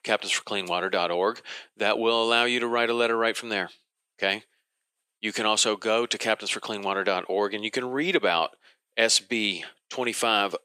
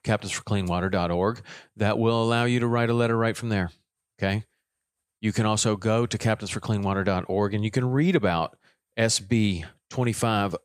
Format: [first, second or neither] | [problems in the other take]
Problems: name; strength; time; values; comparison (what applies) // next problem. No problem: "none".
second | thin; somewhat; fading below 350 Hz